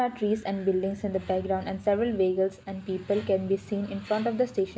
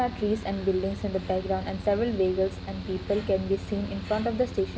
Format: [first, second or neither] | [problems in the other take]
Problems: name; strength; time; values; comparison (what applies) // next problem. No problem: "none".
first | background sound (Mechanical fan); 10 dB below the speech